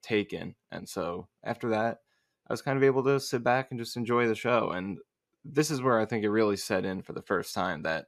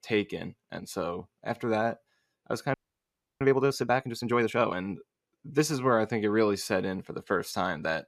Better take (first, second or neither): first